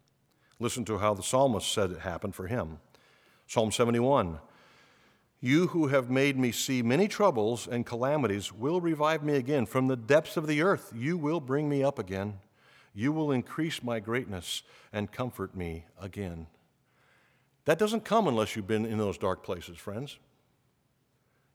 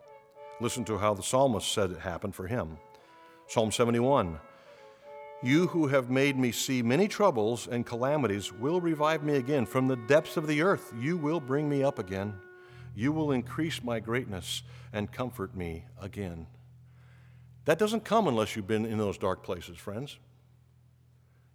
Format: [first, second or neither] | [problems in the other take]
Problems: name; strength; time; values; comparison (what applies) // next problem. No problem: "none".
first | background music; faint; throughout; 20 dB below the speech